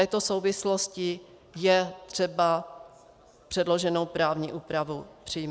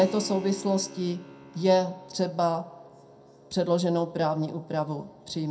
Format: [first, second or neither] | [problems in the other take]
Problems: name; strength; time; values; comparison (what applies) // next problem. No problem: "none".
first | background sound (Keyboard (musical)); 19 dB below the speech // room echo; dies away in 0.2 s